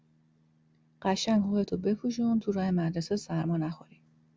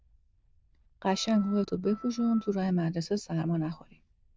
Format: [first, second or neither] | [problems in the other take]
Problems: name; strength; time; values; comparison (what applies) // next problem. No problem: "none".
first | noise reduction (neural diffusion model UNIVERSE++)